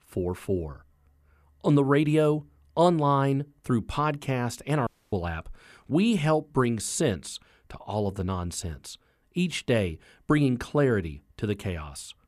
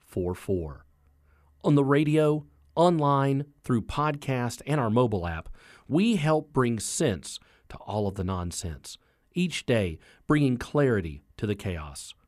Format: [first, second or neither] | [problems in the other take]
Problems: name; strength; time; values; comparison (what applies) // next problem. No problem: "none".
second | audio cutting out; at 5 s